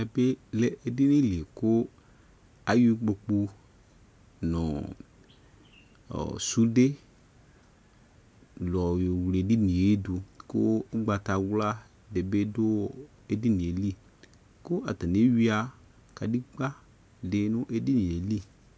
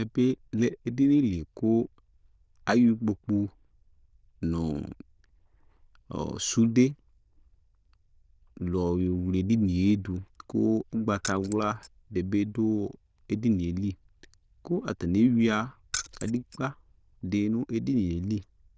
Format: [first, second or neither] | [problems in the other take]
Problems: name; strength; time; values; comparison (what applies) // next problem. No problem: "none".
first | noise reduction (neural diffusion model UNIVERSE++)